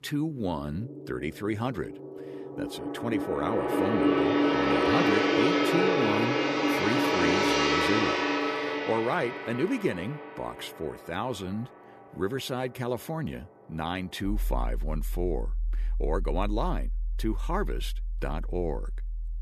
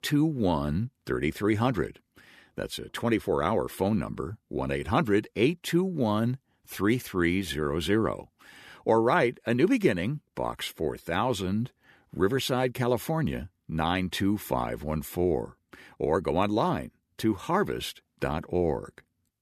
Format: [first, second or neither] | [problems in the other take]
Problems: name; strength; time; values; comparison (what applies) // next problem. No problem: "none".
second | background music; very loud; throughout; 5 dB above the speech